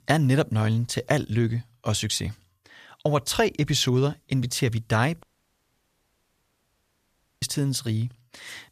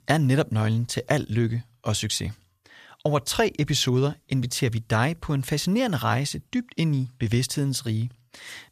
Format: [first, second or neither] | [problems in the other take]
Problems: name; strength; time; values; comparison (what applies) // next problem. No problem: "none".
second | audio cutting out; at 5 s for 2 s